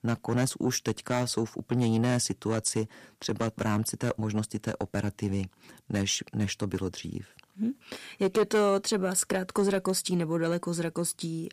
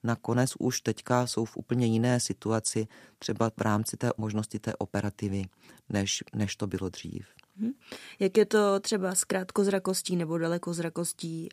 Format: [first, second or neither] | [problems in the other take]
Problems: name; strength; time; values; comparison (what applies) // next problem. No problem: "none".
second | distortion; slight; 10 dB below the speech